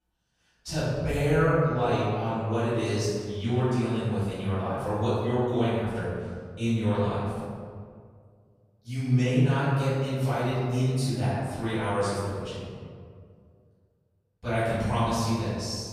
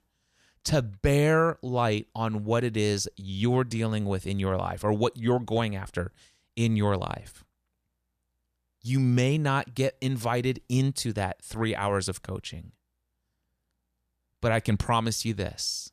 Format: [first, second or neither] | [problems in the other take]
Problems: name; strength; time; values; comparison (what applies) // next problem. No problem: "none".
second | off-mic speech; far // room echo; strong; dies away in 1.9 s